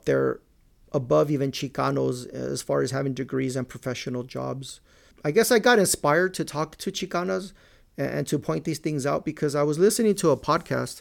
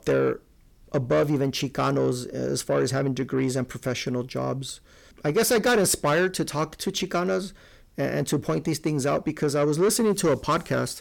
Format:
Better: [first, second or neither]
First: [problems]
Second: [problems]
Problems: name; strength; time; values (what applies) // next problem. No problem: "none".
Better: first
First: none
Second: distortion; slight; 10 dB below the speech